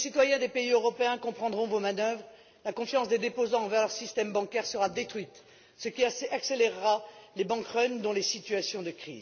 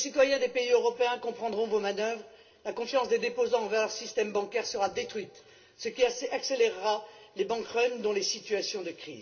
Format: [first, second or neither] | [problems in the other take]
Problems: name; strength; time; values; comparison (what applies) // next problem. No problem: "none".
first | room echo; dies away in 0.2 s